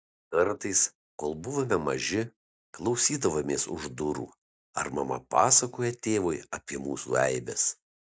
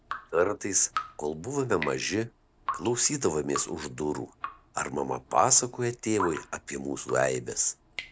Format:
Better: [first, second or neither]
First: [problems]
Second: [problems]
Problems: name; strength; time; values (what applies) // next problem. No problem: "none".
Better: first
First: none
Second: background sound (Drip); 12 dB below the speech